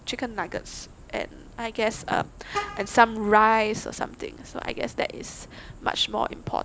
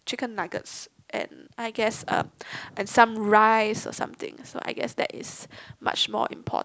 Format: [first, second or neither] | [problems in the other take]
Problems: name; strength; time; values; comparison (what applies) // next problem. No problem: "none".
second | background sound (Vehicle horn, car horn, honking); 15 dB below the speech